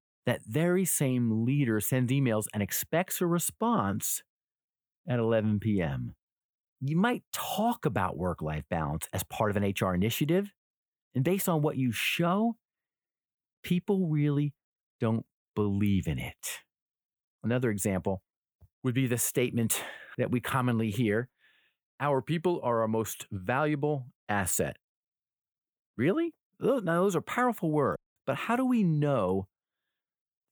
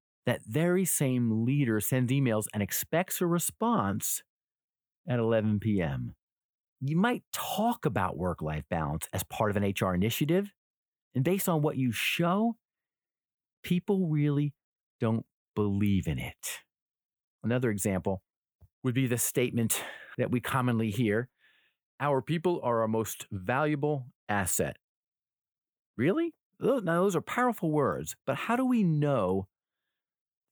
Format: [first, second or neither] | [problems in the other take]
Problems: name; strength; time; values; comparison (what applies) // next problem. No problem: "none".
second | audio cutting out; at 28 s